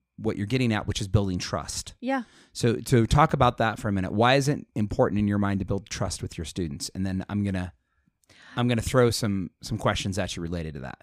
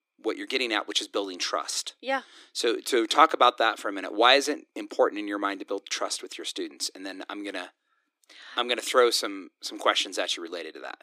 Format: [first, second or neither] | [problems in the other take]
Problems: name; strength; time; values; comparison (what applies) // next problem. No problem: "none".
first | thin; very; fading below 300 Hz